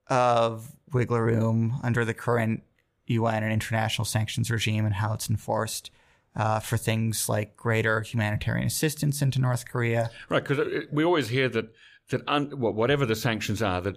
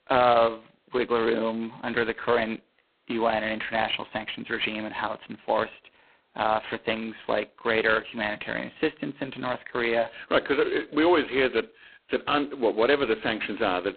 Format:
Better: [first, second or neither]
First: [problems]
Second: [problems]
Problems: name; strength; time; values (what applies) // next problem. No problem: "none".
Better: first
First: none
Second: phone-call audio; poor line; nothing above 4 kHz